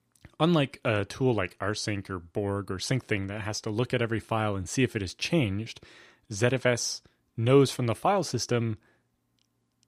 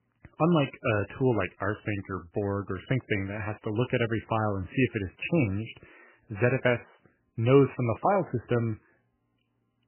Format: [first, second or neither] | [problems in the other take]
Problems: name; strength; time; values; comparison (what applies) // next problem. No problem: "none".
first | garbled, watery; badly; nothing above 3 kHz